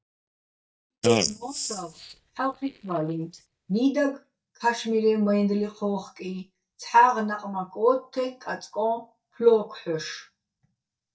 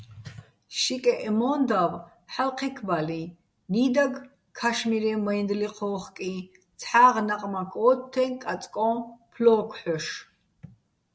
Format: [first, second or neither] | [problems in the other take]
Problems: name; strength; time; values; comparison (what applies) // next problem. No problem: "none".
second | noise reduction (neural mask model DeepFilterNet 3)